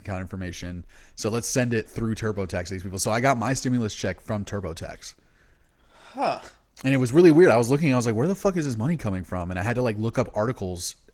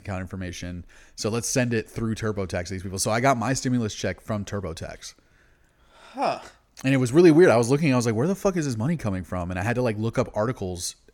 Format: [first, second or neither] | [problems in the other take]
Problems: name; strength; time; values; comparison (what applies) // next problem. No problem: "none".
second | garbled, watery; slightly; nothing above 17.5 kHz